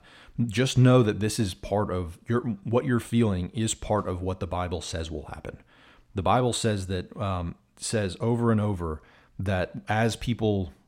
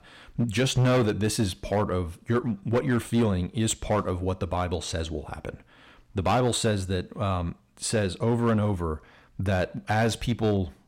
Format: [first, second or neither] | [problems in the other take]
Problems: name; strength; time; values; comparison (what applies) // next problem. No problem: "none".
first | distortion; slight; 7% of the sound clipped